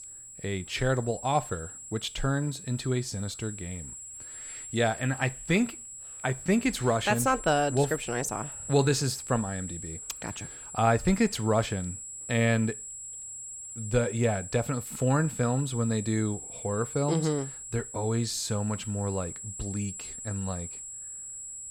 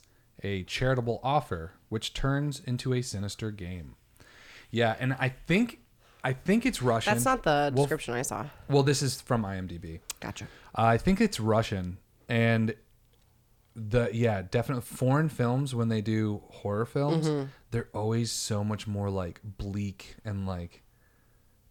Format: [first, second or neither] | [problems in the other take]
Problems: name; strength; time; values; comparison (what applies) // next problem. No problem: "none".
second | high-pitched whine; loud; throughout; 7.5 kHz, 10 dB below the speech